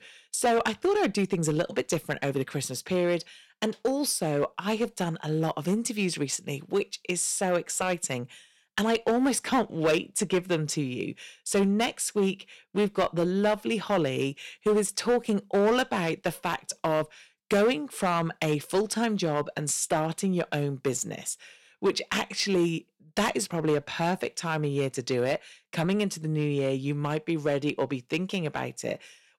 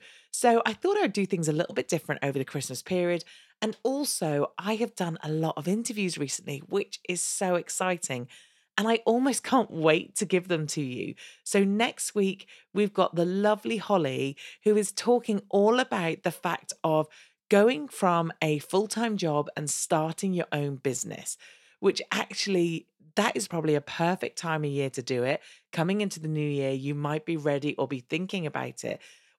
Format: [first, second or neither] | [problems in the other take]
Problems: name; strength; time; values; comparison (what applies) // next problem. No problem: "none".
second | distortion; slight; 4% of the sound clipped